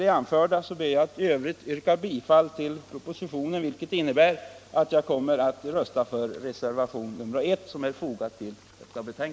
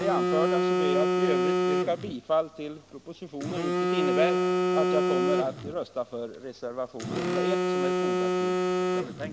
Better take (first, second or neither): first